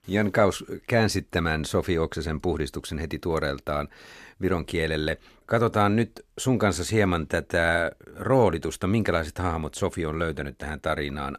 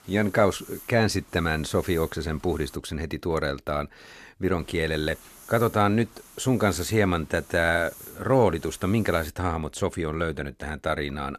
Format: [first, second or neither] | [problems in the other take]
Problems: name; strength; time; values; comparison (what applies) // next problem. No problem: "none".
first | hiss; faint; until 3 s and from 4.5 to 9.5 s; 20 dB below the speech